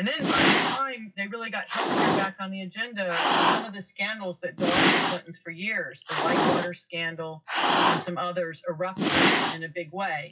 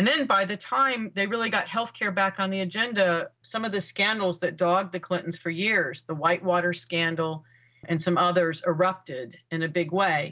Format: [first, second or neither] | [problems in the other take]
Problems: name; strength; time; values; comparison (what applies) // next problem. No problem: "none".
second | noise reduction (classical method WPE with log-MMSE)